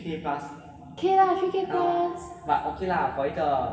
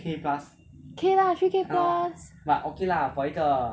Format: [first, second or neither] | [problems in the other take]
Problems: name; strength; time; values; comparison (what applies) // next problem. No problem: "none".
second | room echo; dies away in 1.9 s